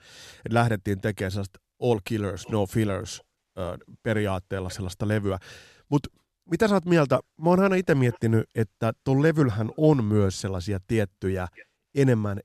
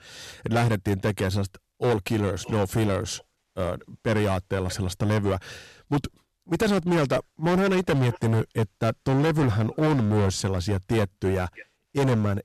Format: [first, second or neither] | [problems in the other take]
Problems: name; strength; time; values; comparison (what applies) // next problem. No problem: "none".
first | distortion; heavy; 14% of the sound clipped